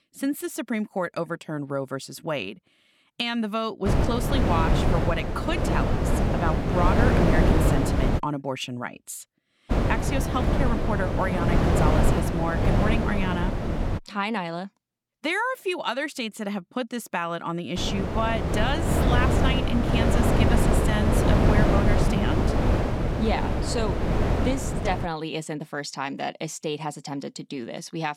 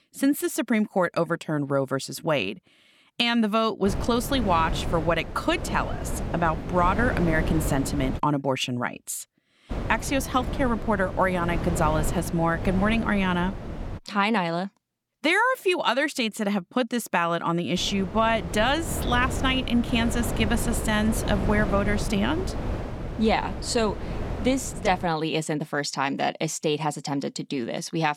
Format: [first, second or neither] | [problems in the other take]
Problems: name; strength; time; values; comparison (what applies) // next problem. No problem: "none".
second | wind noise on the microphone; heavy; from 4 to 8 s, from 9.5 to 14 s and from 18 to 25 s; 1 dB above the speech; occasional gusts in the second